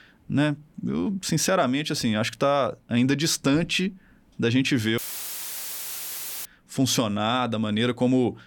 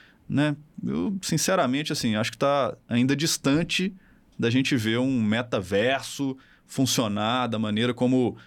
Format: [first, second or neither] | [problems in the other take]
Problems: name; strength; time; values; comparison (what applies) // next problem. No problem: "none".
second | audio cutting out; filled with static; at 5 s for 1.5 s